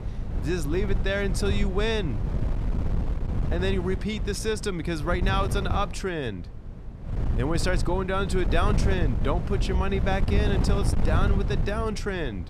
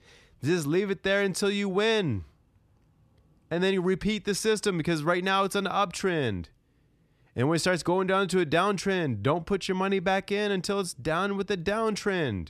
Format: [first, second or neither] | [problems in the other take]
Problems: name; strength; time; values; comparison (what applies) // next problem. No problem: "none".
second | wind noise on the microphone; heavy; 10 dB below the speech